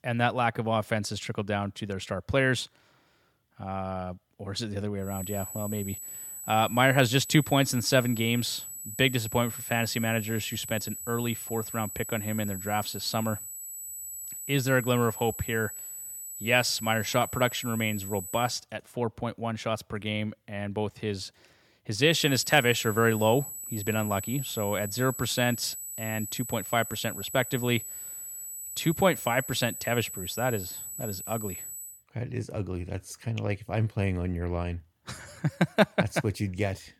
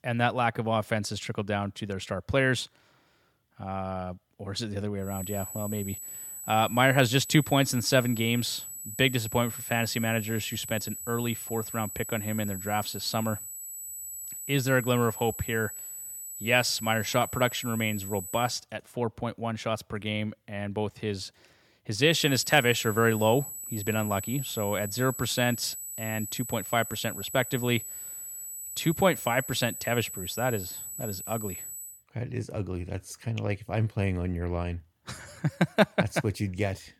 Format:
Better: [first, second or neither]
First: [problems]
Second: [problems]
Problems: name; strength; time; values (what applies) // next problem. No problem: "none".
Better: neither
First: high-pitched whine; loud; from 5 to 19 s and from 22 to 32 s; 8 kHz, 8 dB below the speech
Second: high-pitched whine; loud; from 5 to 19 s and from 22 to 32 s; 8 kHz, 8 dB below the speech